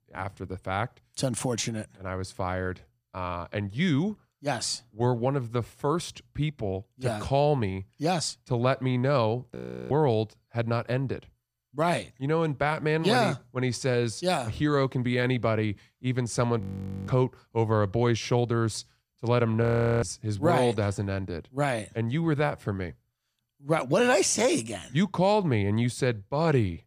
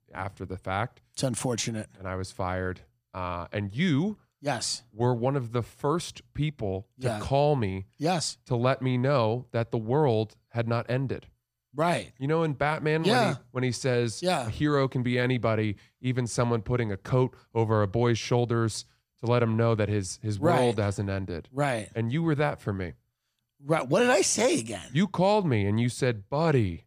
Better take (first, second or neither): second